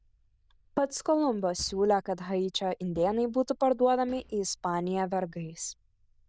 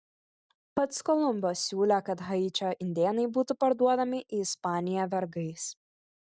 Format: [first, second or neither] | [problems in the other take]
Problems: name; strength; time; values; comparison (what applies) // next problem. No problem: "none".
second | noise reduction (neural diffusion model UNIVERSE++)